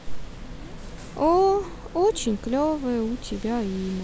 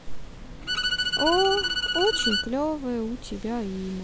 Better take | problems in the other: first | background sound (Bowed string instrument); as loud as the speech

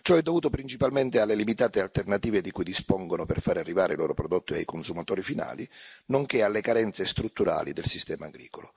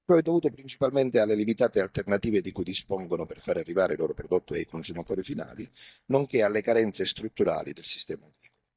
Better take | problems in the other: first | noise reduction (neural mask model DeepFilterNet 3)

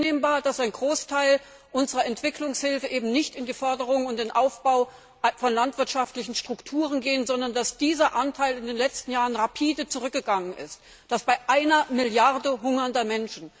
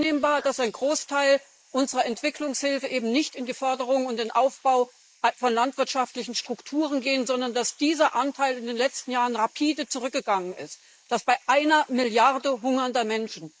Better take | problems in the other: first | noise reduction (neural mask model Resemble Enhance denoiser)

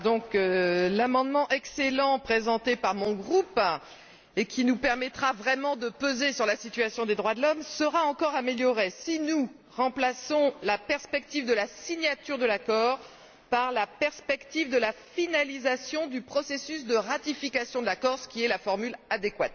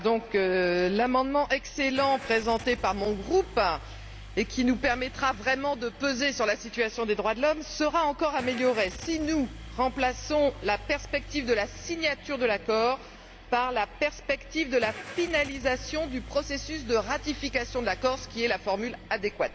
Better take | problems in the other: first | background sound (Engine starting / Car); 15 dB below the speech

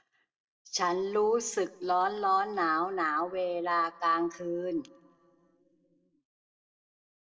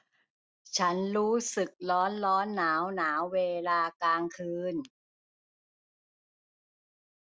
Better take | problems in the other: second | room echo; dies away in 1 s

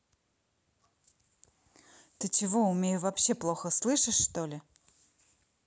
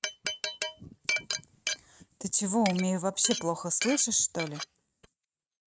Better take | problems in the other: first | noise reduction (neural mask model RNNoise)

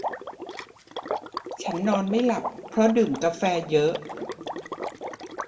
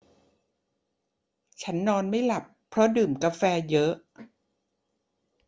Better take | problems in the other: second | background sound (Water / Liquid); 8 dB below the speech // room echo; dies away in 1 s

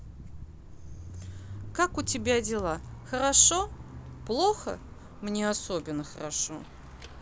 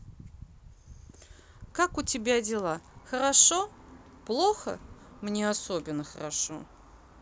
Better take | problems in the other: second | background sound (Mechanisms / Bicycle); 13 dB below the speech

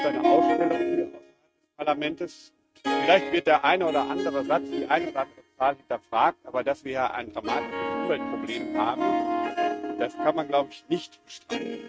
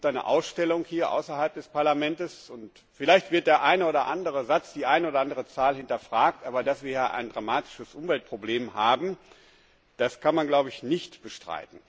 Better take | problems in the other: second | noise reduction (neural mask model RNNoise)

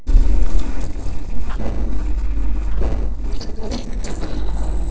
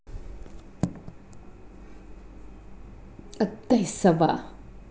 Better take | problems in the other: second | noise reduction (neural separator model SepFormer DNS4)

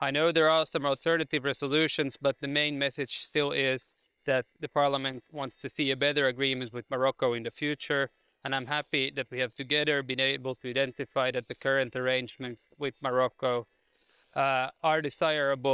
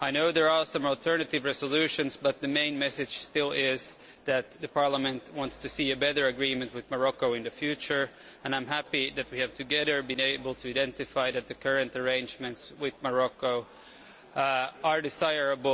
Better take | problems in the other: second | noise reduction (neural separator model SepFormer WHAM!)

